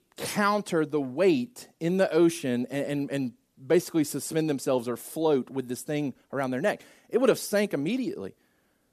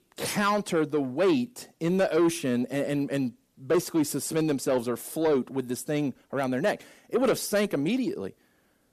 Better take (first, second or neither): first